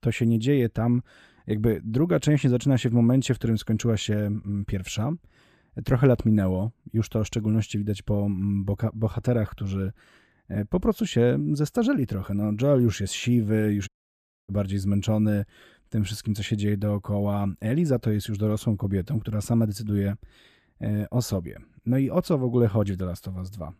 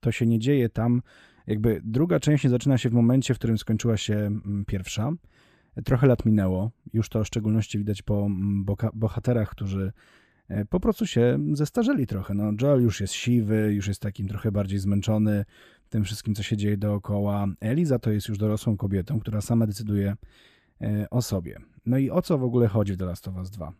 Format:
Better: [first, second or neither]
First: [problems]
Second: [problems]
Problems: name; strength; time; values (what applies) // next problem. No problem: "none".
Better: second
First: audio cutting out; at 14 s for 0.5 s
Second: none